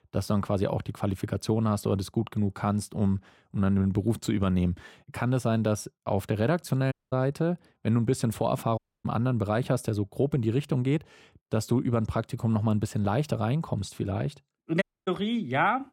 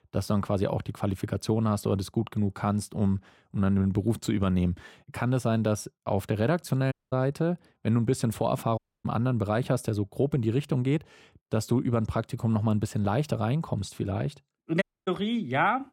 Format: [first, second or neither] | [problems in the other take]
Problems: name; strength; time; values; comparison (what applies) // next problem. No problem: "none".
neither | audio cutting out; at 7 s, at 9 s and at 15 s; the same in both